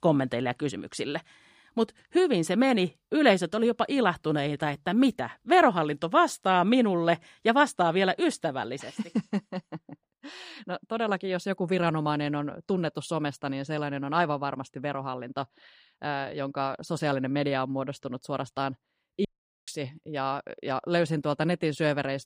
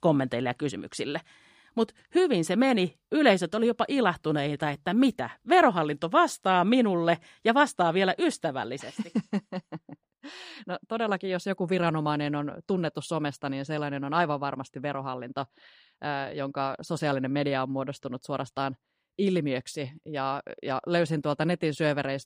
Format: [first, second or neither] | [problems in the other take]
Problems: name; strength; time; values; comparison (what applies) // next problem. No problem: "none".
second | audio cutting out; at 19 s